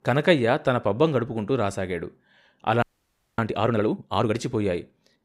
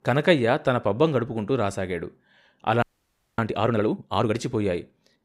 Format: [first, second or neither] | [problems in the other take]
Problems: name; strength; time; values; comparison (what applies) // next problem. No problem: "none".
neither | audio freezing; at 3 s for 0.5 s; the same in both